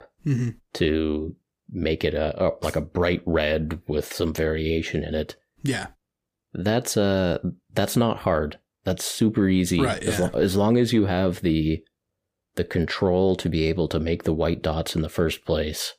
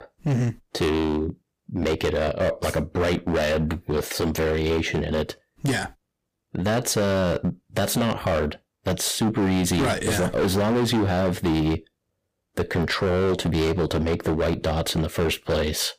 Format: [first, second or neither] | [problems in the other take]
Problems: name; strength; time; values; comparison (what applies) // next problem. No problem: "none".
first | distortion; heavy; 19% of the sound clipped